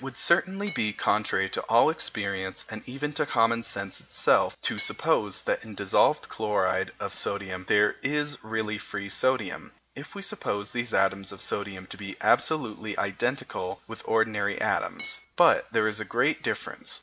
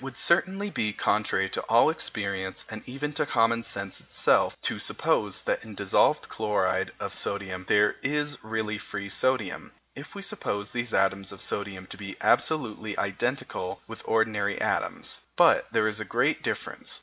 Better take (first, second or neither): second